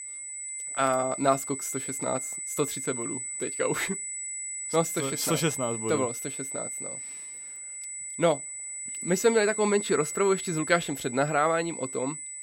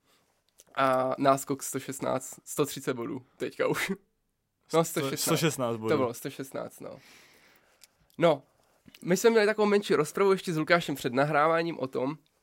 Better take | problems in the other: second | high-pitched whine; loud; throughout; 8 kHz, 5 dB below the speech

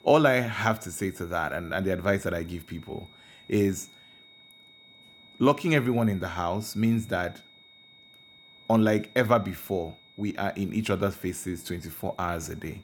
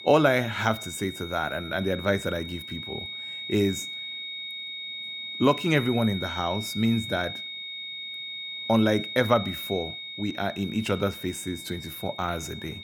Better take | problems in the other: first | high-pitched whine; loud; throughout; 3.5 kHz, 8 dB below the speech; faint in the first

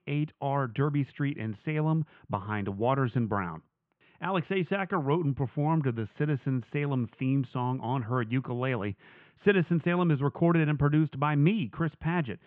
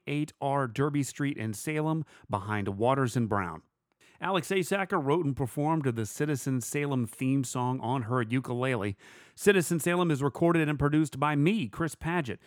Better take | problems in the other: second | muffled; very; fading above 3 kHz

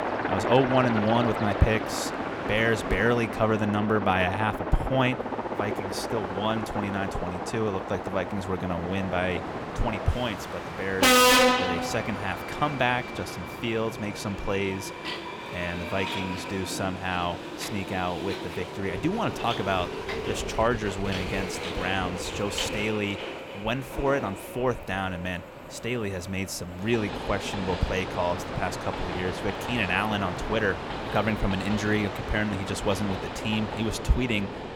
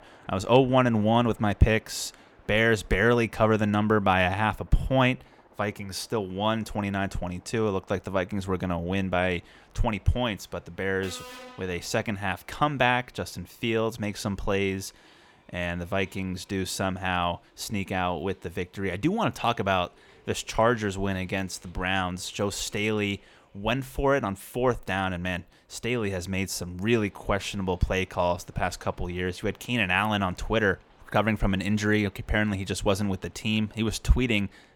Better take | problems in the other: second | train or aircraft noise; loud; throughout; 2 dB below the speech; faint in the second

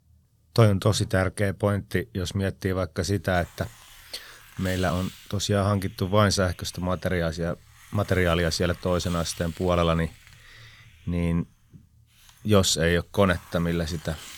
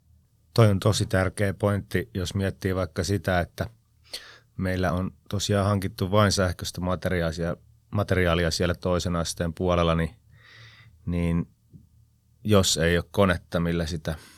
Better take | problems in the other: second | hiss; faint; from 3 s on; 20 dB below the speech

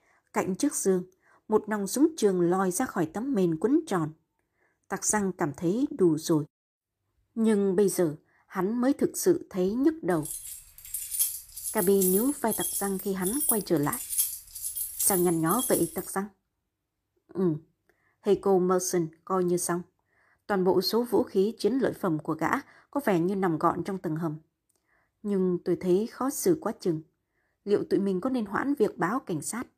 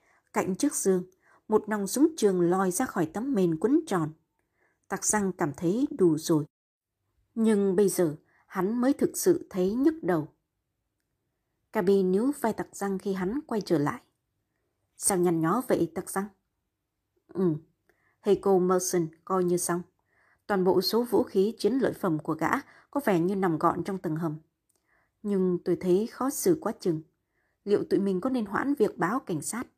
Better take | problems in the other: second | jangling keys; loud; from 10 to 16 s; peak 2 dB above the speech

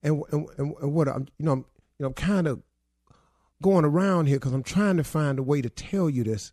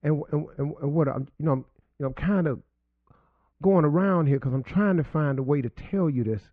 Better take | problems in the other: first | muffled; very; fading above 2 kHz

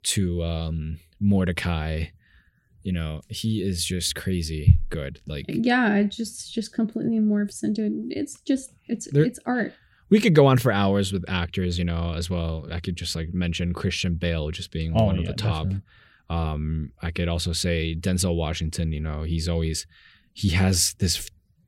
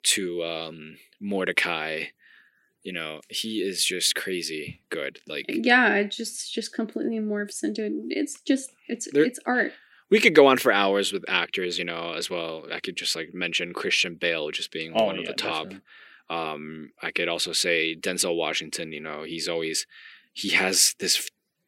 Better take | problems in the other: first | thin; somewhat; fading below 300 Hz

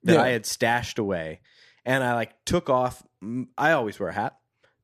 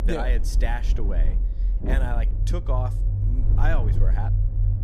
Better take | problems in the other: first | low rumble; loud; throughout; 8 dB below the speech

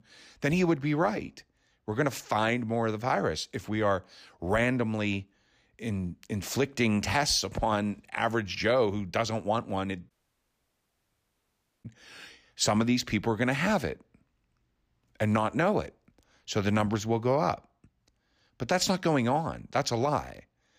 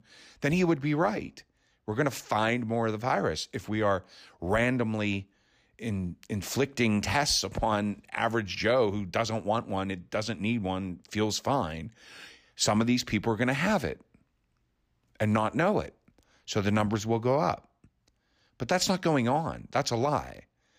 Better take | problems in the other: second | audio cutting out; at 10 s for 1.5 s

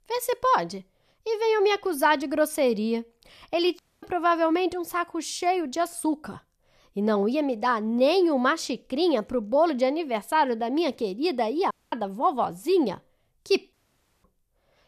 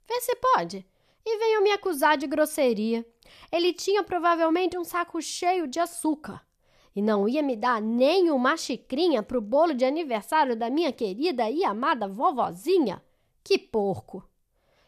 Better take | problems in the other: second | audio cutting out; at 4 s, at 12 s and at 14 s for 0.5 s

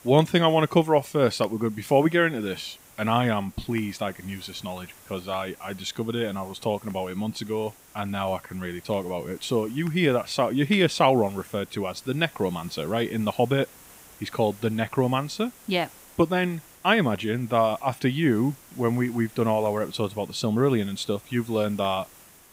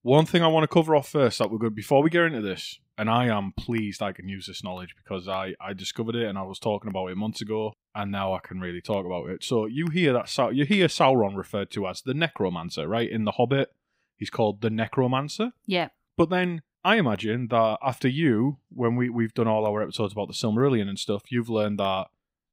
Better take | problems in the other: second | hiss; faint; throughout; 25 dB below the speech

